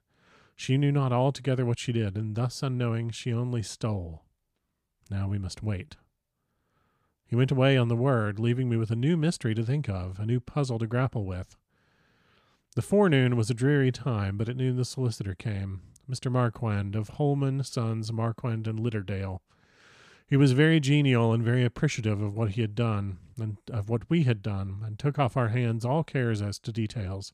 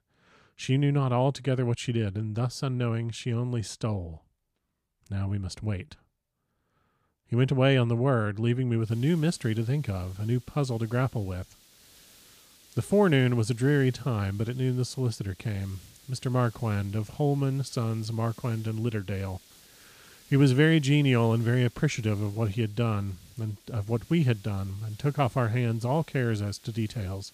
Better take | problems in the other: first | hiss; faint; from 9 s on; 25 dB below the speech

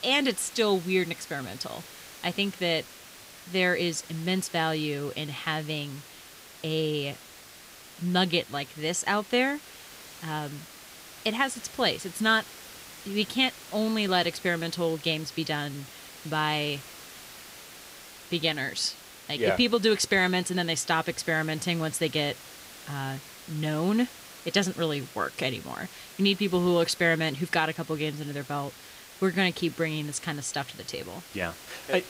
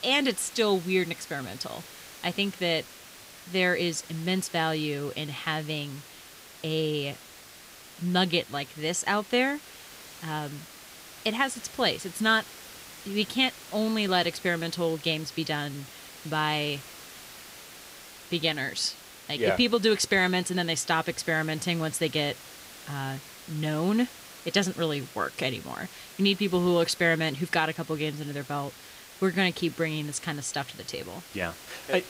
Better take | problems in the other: neither | hiss; noticeable; throughout; 15 dB below the speech; the same in both

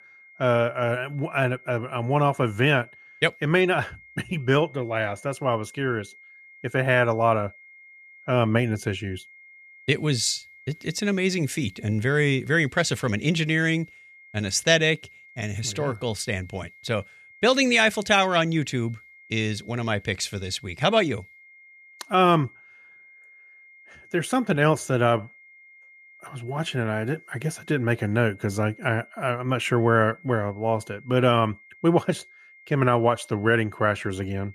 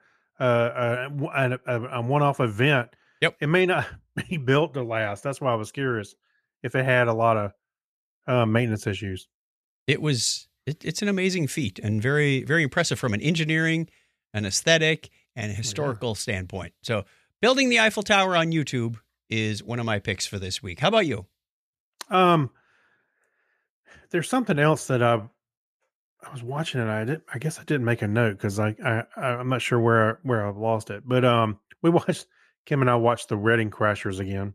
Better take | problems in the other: second | high-pitched whine; faint; throughout; 2 kHz, 25 dB below the speech

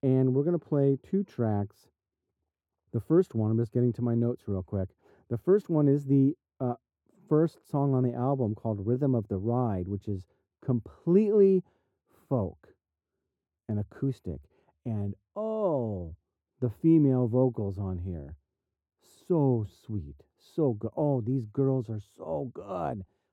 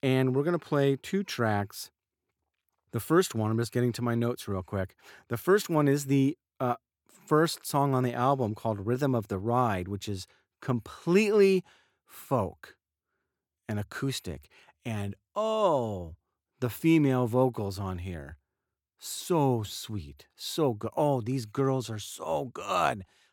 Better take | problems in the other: second | muffled; very; fading above 1 kHz

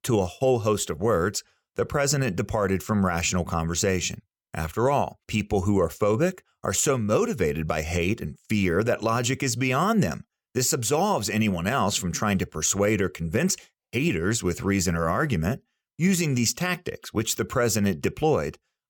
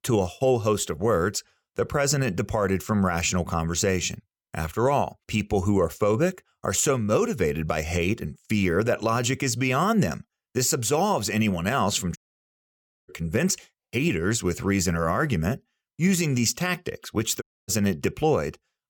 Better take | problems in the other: first | audio cutting out; at 12 s for 1 s and at 17 s

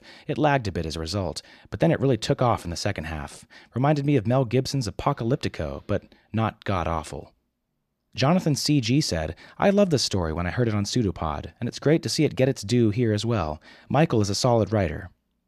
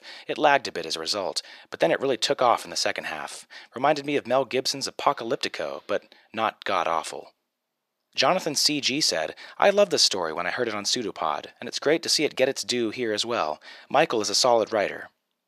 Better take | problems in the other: first | thin; very; fading below 500 Hz

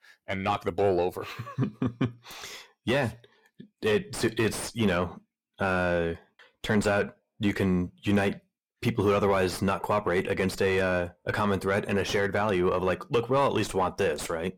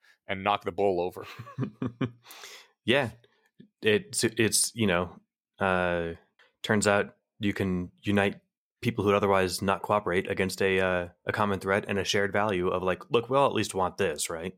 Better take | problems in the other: second | distortion; heavy; 7 dB below the speech

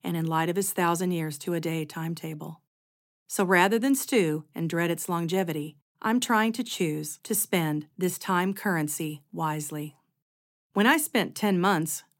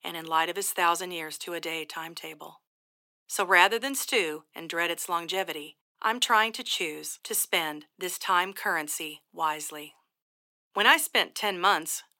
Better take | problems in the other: first | thin; very; fading below 600 Hz

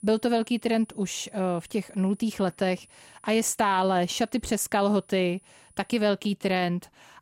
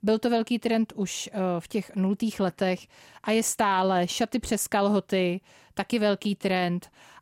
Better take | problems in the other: second | high-pitched whine; faint; until 6 s; 9.5 kHz, 30 dB below the speech

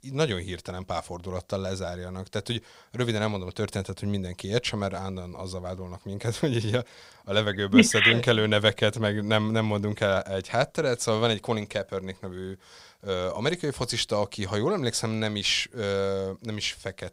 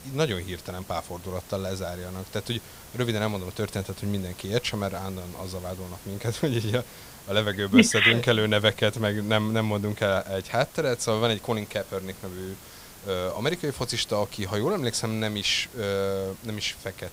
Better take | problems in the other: first | hiss; noticeable; throughout; 20 dB below the speech

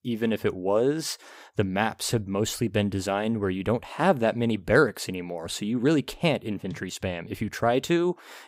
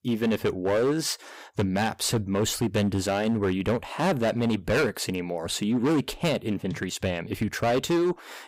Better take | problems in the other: first | distortion; heavy; 11% of the sound clipped

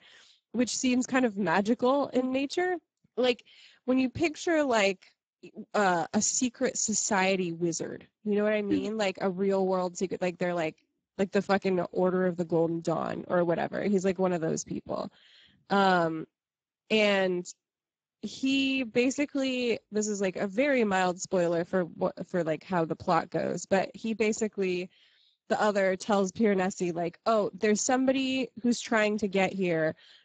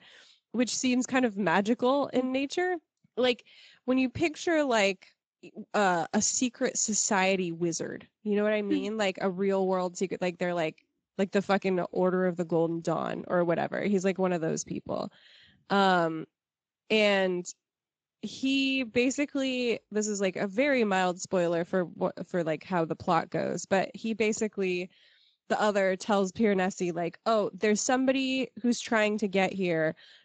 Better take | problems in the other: second | garbled, watery; badly; nothing above 7.5 kHz; slightly in the second

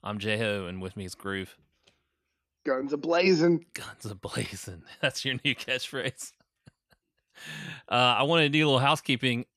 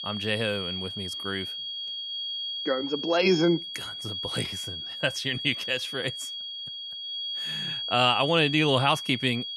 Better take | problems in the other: first | high-pitched whine; loud; throughout; 3.5 kHz, 6 dB below the speech

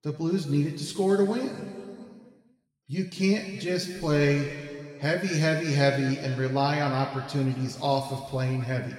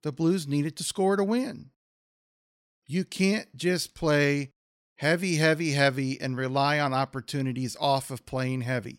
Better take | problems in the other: second | room echo; noticeable; dies away in 2.2 s // off-mic speech; far

